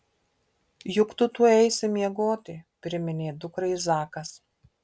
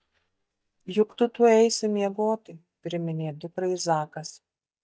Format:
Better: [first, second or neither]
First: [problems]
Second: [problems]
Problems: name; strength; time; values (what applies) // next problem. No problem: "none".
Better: first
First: none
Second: noise reduction (neural mask model DeepFilterNet 3)